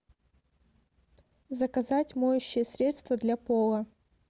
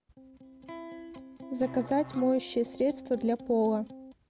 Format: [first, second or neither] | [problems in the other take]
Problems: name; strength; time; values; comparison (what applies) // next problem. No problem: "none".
first | background sound (Electric guitar + Musical instrument); 14 dB below the speech